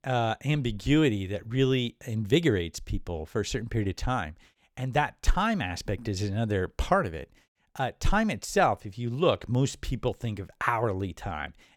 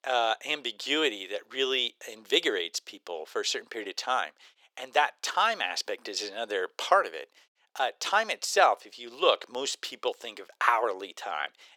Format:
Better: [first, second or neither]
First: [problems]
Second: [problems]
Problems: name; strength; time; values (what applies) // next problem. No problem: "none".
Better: first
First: none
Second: thin; very; fading below 450 Hz